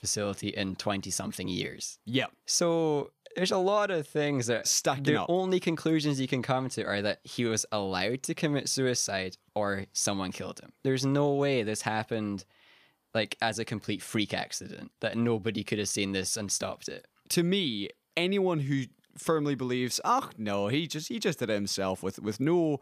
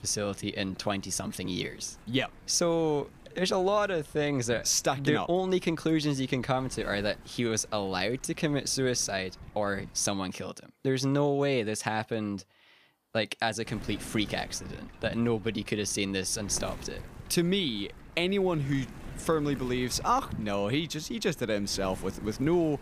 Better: first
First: none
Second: wind noise on the microphone; occasional gusts; until 10 s and from 14 s on; 20 dB below the speech

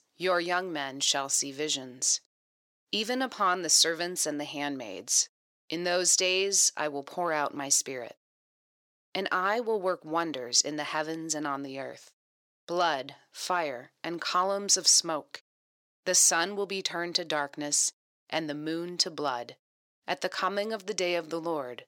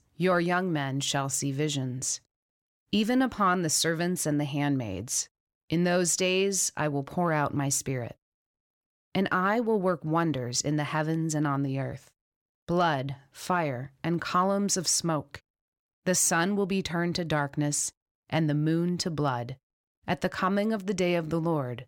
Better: second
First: thin; somewhat; fading below 450 Hz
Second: none

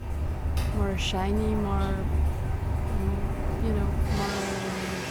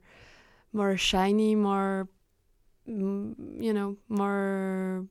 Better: second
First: rain or running water; very loud; throughout; 3 dB above the speech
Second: none

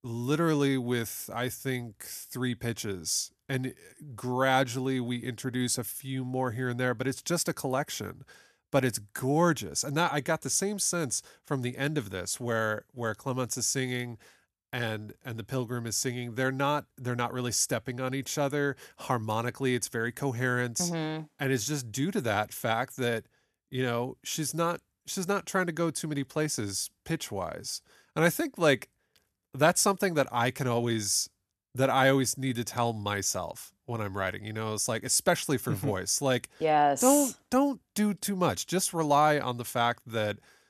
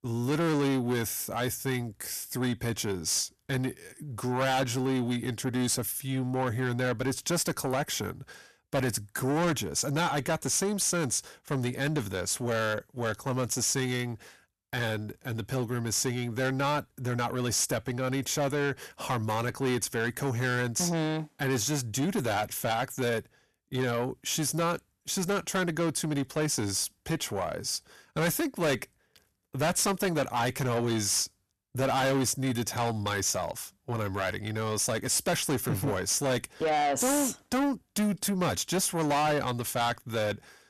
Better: first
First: none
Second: distortion; heavy; 7 dB below the speech

